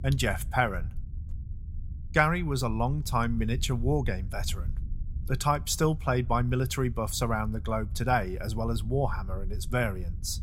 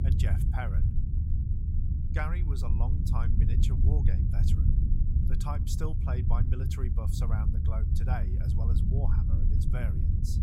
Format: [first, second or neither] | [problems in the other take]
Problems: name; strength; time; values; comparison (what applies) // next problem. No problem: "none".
first | low rumble; loud; throughout; 2 dB below the speech; faint in the first